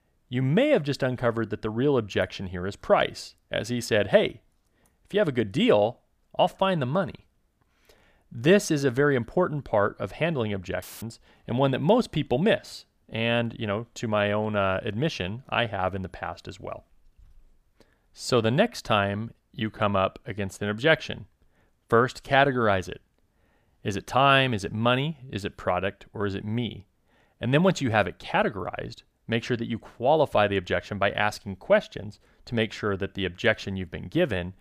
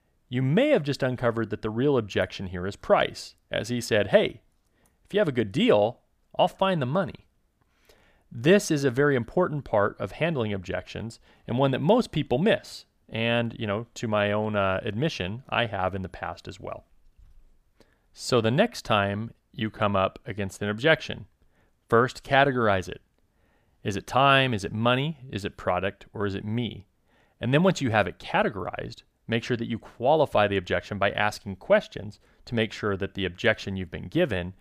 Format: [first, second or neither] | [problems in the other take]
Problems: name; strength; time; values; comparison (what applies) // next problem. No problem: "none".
second | audio cutting out; filled with static; at 11 s